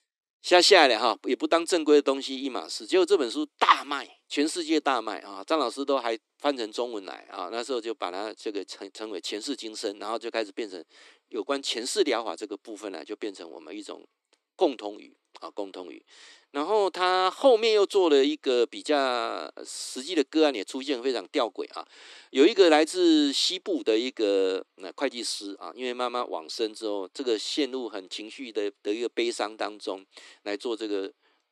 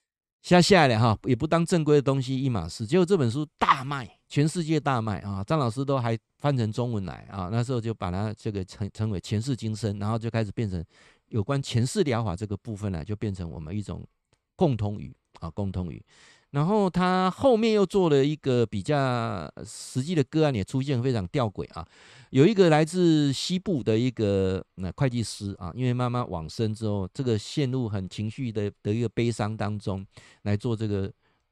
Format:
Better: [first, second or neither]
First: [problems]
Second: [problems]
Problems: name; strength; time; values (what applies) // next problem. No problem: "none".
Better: second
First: thin; somewhat; fading below 300 Hz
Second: none